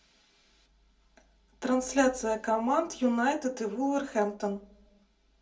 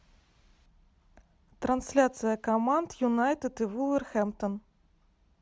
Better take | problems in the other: second | room echo; dies away in 0.2 s

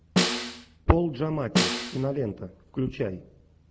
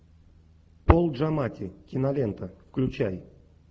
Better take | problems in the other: second | background sound (Snare drum); 1 dB above the speech

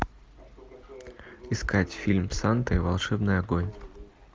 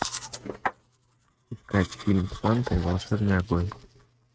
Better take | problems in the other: first | noise reduction (neural mask model RNNoise)

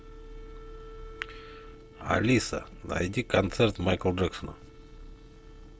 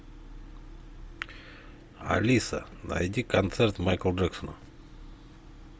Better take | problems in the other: second | noise reduction (neural separator model SepFormer DNS4)

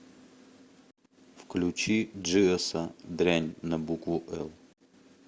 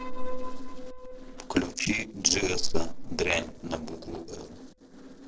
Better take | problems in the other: first | noise reduction (neural separator model SepFormer DNS4)

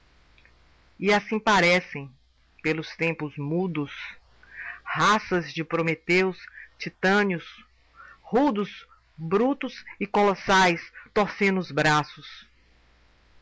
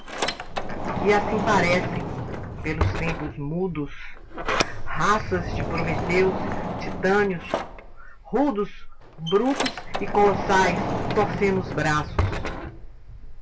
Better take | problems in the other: first | background sound (Sliding door); 2 dB below the speech // room echo; dies away in 0.2 s

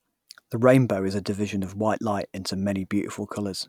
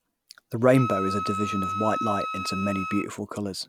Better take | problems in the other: first | background sound (Wind instrument, woodwind instrument); 6 dB below the speech

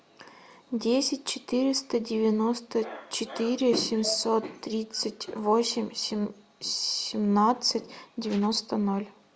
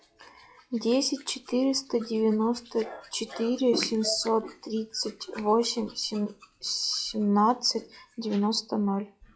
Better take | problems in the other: first | noise reduction (classical method log-MMSE)

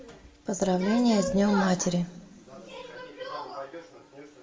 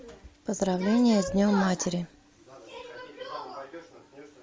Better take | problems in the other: second | room echo; dies away in 0.8 s

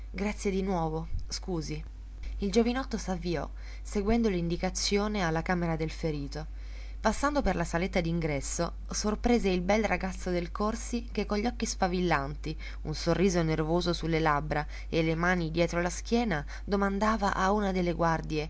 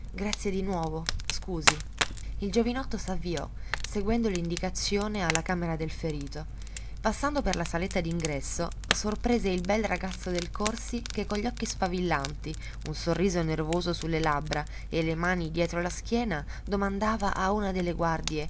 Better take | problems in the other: first | background sound (Fire); 7 dB below the speech

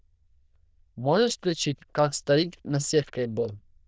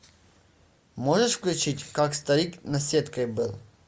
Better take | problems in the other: second | noise reduction (neural diffusion model UNIVERSE++)

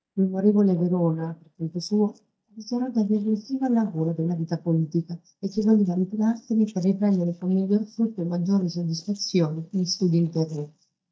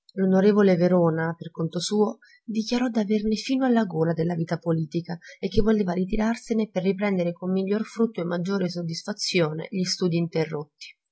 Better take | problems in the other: second | noise reduction (neural mask model DeepFilterNet 3)

